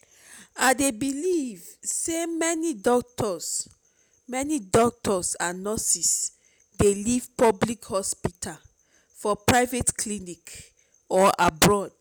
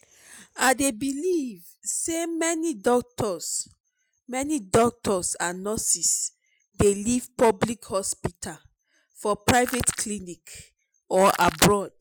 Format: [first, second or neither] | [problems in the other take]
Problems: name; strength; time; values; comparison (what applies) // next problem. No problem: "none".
first | noise reduction (classical method Wiener filter)